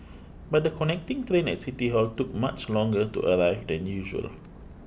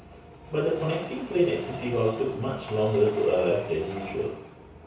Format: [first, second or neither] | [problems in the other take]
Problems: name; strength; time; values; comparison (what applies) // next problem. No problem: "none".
first | background sound (Train); 14 dB below the speech // room echo; dies away in 0.6 s